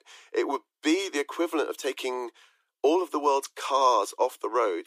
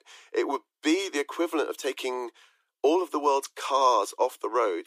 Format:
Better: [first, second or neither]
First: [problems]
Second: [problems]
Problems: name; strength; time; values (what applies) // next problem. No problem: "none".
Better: neither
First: thin; very; fading below 300 Hz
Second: thin; very; fading below 300 Hz